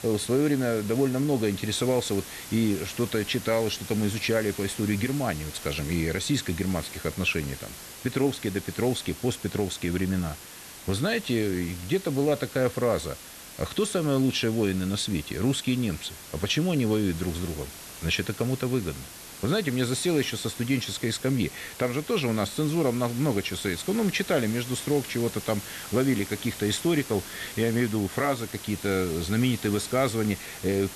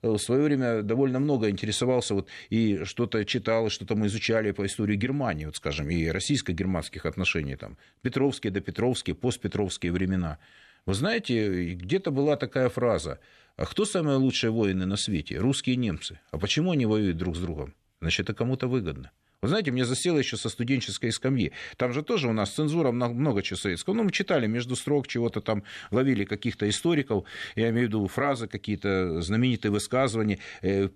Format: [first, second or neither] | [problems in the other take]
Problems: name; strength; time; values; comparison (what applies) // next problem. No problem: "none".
second | hiss; noticeable; throughout; 10 dB below the speech